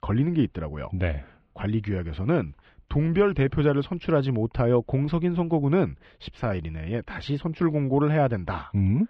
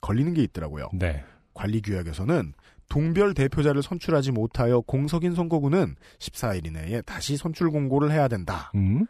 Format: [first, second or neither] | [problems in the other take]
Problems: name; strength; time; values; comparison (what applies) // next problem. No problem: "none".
second | muffled; slightly; fading above 3 kHz